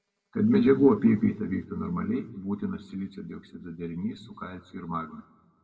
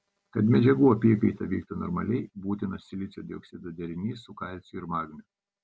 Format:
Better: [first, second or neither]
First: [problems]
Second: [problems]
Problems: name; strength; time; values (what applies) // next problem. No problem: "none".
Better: second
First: room echo; dies away in 1 s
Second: none